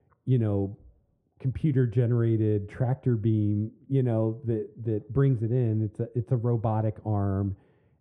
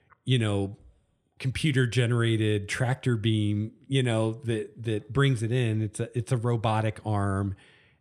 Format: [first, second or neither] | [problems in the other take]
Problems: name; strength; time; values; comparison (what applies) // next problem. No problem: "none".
second | muffled; very; fading above 1.5 kHz